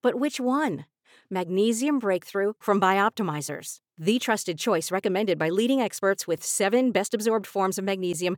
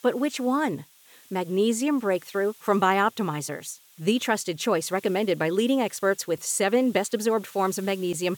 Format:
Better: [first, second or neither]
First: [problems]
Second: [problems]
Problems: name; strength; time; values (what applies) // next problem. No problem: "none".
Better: first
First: none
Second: hiss; faint; throughout; 25 dB below the speech